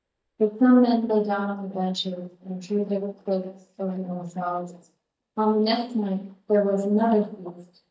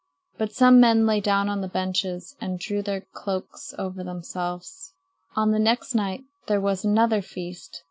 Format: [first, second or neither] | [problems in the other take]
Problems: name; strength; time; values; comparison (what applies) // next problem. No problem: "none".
second | noise reduction (neural mask model DeepFilterNet 3)